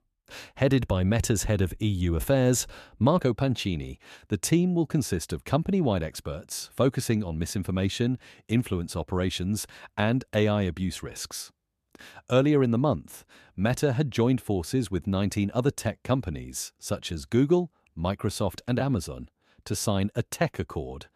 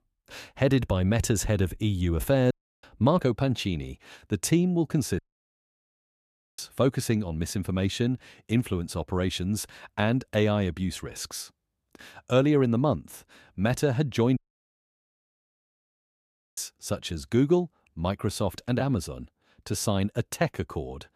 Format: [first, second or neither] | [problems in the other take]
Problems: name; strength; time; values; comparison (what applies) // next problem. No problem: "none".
first | audio cutting out; at 2.5 s, at 5 s for 1.5 s and at 14 s for 2 s